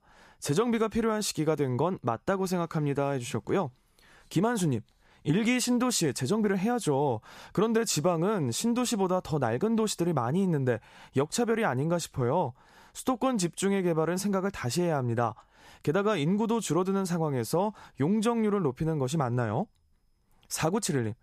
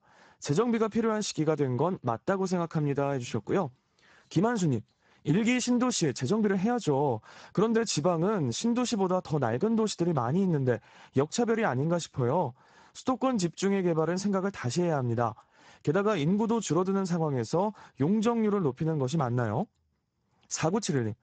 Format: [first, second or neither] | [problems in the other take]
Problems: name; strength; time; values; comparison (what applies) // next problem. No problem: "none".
first | garbled, watery; badly; nothing above 8 kHz